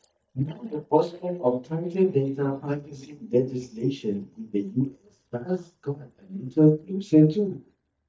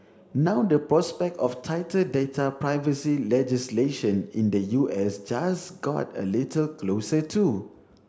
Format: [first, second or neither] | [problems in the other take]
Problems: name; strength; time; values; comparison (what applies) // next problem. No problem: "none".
second | noise reduction (neural mask model DeepFilterNet 3)